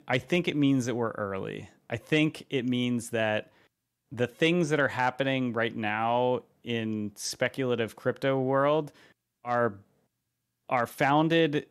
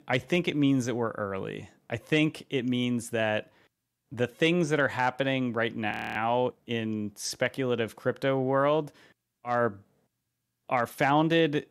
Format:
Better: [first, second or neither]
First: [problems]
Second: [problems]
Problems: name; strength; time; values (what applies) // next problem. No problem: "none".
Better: first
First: none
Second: audio freezing; at 6 s